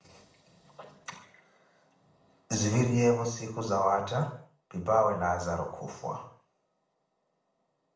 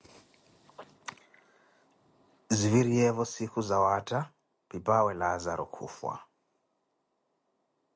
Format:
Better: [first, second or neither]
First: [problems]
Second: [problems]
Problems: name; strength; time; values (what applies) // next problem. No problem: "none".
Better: second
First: room echo; dies away in 0.5 s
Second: none